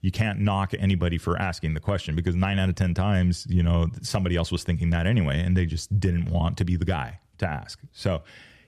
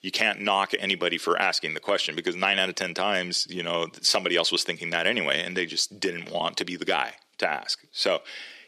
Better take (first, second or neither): first